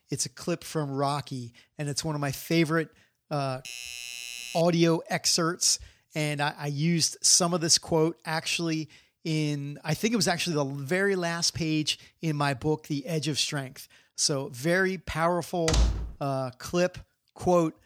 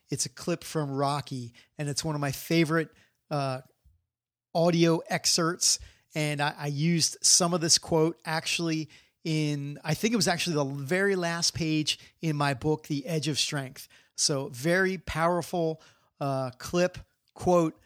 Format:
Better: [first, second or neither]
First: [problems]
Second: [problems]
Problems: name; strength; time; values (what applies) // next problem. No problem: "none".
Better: second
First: doorbell; noticeable; from 3.5 to 4.5 s; peak 9 dB below the speech // door banging; loud; at 16 s; peak 1 dB above the speech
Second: none